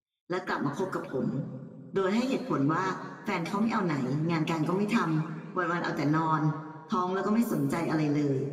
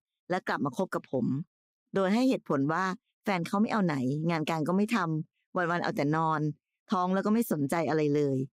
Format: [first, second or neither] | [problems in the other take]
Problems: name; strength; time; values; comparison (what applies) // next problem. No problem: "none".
second | room echo; noticeable; dies away in 1.5 s // off-mic speech; far